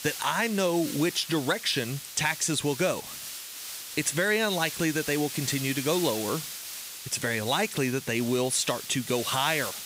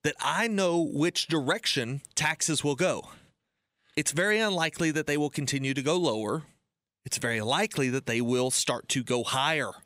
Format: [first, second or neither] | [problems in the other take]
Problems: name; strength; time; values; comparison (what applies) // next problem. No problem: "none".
second | hiss; loud; throughout; 9 dB below the speech